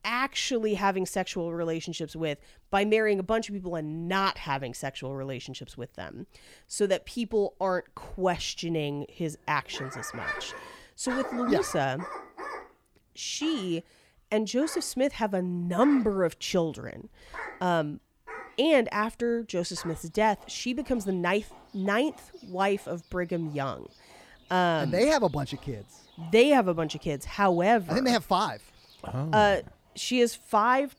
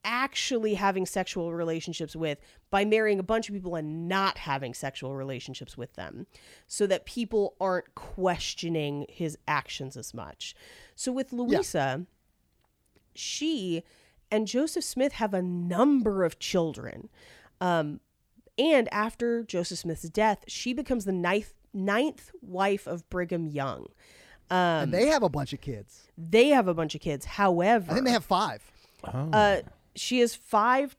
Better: second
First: animal sounds; noticeable; throughout; 15 dB below the speech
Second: none

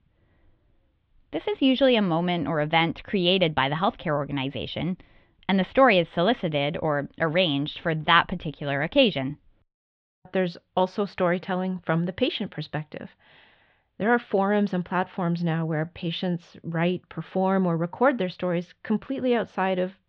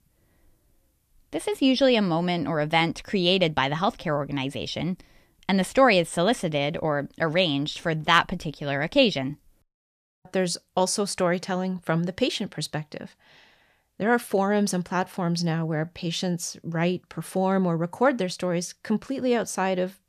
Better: second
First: muffled; very; fading above 3.5 kHz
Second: none

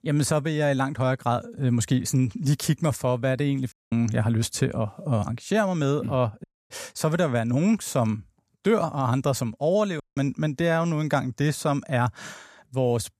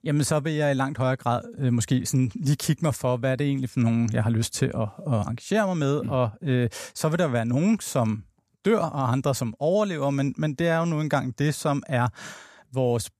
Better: second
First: audio cutting out; at 3.5 s, at 6.5 s and at 10 s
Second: none

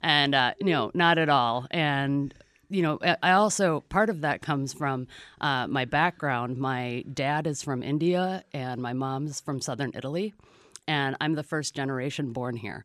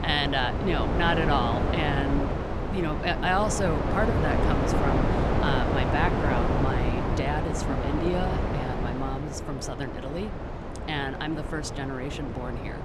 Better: first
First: none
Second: wind noise on the microphone; heavy; 1 dB below the speech

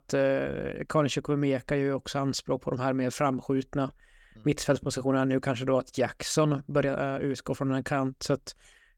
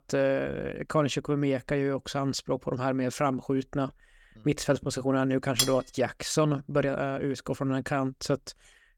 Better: first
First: none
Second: clattering dishes; loud; at 5.5 s; peak 1 dB above the speech

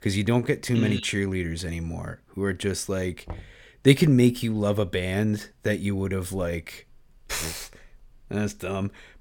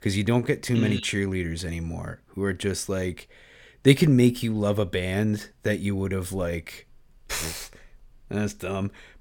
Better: second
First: door banging; faint; at 3.5 s; peak 15 dB below the speech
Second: none

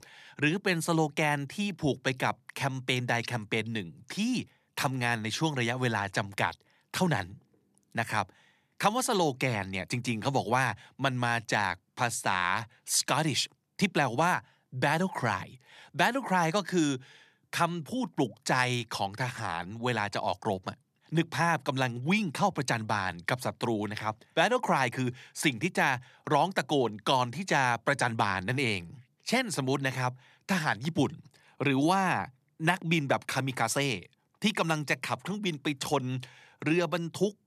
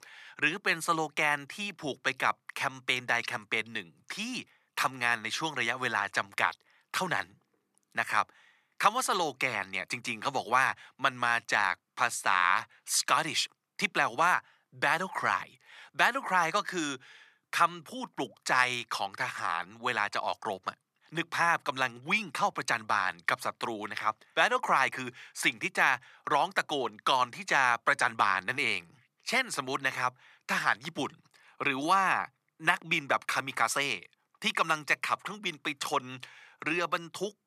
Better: first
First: none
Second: thin; somewhat; fading below 550 Hz

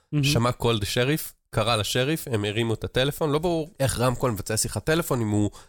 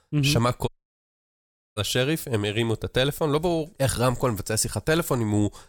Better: first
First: none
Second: audio cutting out; at 0.5 s for 1 s

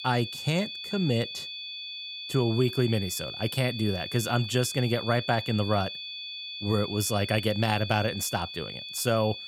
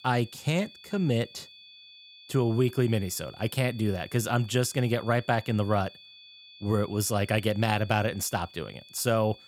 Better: second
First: high-pitched whine; loud; throughout; 3.5 kHz, 8 dB below the speech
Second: high-pitched whine; faint; throughout; 3.5 kHz, 20 dB below the speech

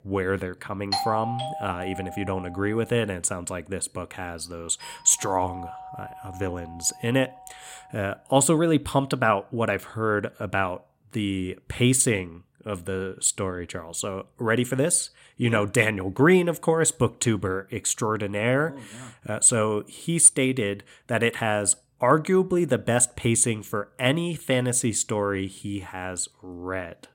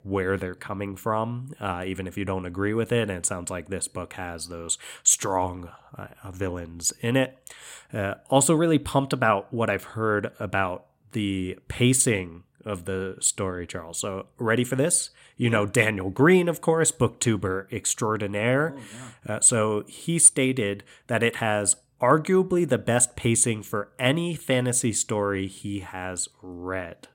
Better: second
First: doorbell; noticeable; from 1 to 2.5 s; peak 2 dB below the speech // doorbell; faint; from 5 to 8 s; peak 15 dB below the speech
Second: none

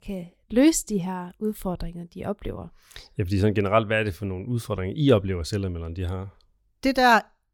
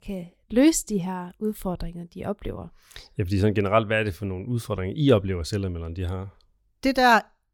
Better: neither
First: none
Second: none

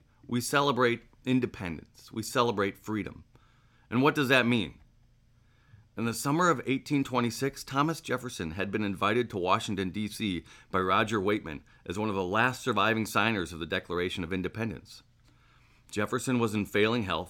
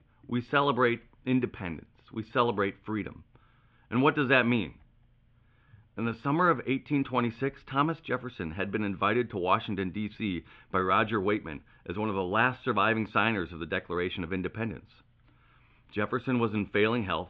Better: first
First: none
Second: muffled; very; fading above 3 kHz

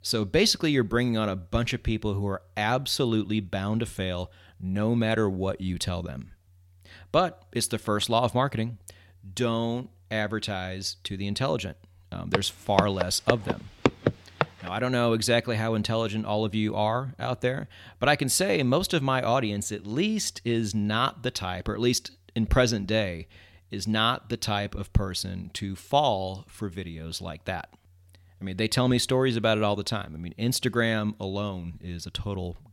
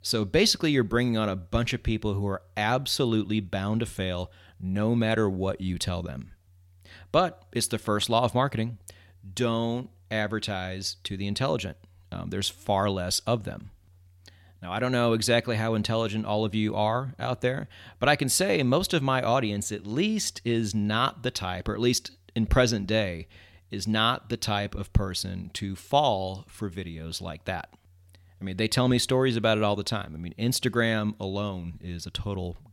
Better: second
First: footsteps; loud; from 12 to 14 s; peak 1 dB above the speech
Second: none

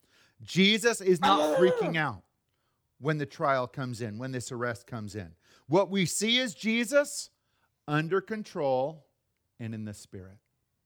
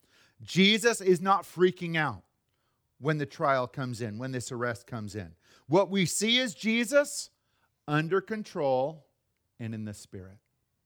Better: second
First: dog barking; loud; at 1 s; peak 3 dB above the speech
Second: none

